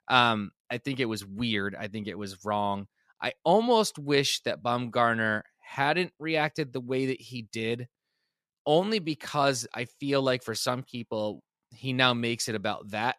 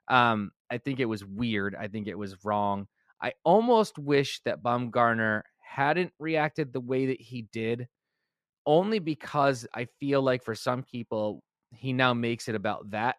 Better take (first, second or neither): first